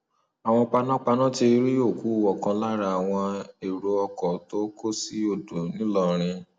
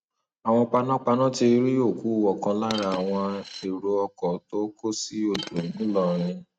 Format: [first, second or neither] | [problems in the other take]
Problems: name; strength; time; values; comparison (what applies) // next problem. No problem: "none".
first | noise reduction (neural mask model RNNoise)